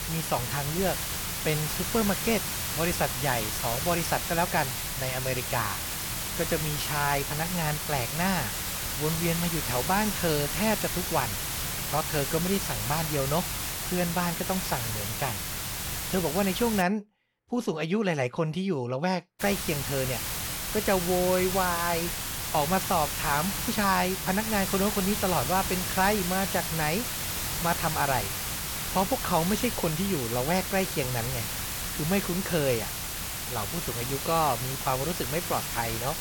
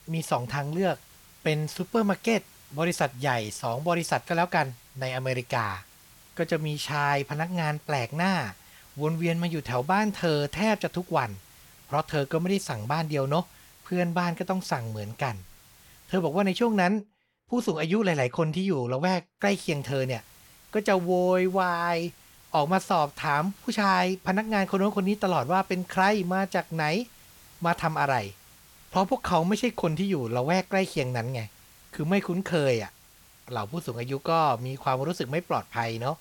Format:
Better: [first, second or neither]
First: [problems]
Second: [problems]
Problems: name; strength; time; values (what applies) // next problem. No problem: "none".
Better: second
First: hiss; loud; until 17 s and from 19 s on; 1 dB below the speech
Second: hiss; faint; until 17 s and from 19 s on; 25 dB below the speech